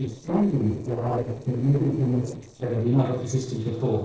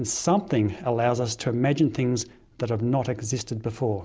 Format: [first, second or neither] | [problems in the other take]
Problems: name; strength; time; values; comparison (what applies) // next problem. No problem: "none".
second | noise reduction (neural separator model SepFormer DNS4)